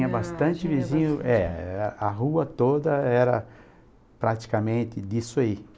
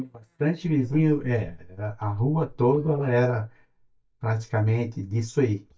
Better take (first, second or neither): first